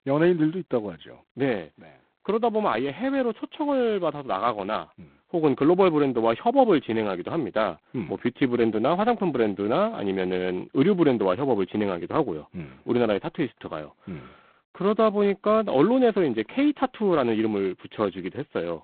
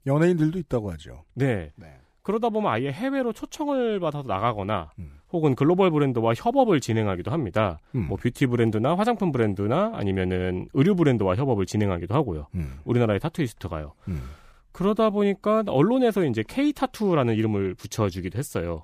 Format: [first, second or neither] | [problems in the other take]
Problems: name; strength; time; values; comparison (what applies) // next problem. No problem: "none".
second | phone-call audio; poor line; nothing above 4 kHz